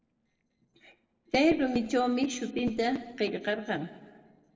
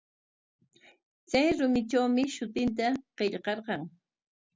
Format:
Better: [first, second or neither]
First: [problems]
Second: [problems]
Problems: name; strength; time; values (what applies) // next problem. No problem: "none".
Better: second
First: noise reduction (neural separator model SepFormer DNS4)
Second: none